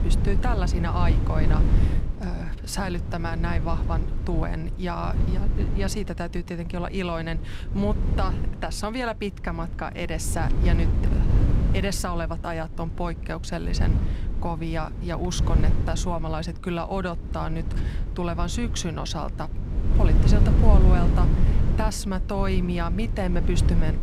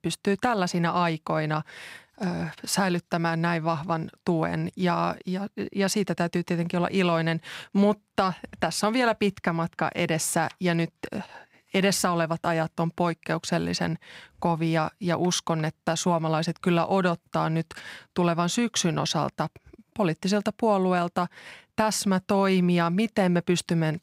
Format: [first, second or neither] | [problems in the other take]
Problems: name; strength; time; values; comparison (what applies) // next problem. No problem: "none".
second | wind noise on the microphone; heavy; 7 dB below the speech